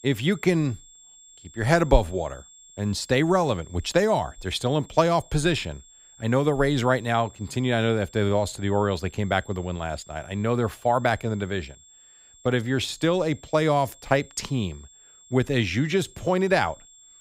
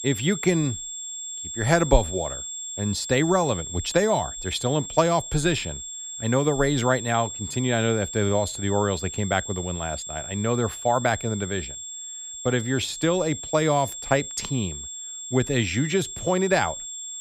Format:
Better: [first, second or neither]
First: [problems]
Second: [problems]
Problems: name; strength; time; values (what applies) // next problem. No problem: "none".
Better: first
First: high-pitched whine; faint; throughout; 7.5 kHz, 25 dB below the speech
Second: high-pitched whine; loud; throughout; 7.5 kHz, 8 dB below the speech